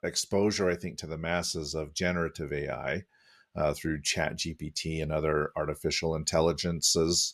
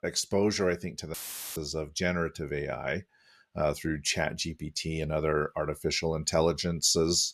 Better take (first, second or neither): first